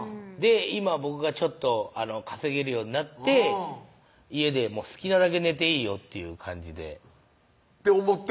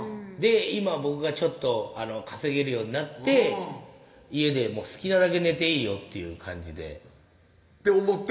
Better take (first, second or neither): first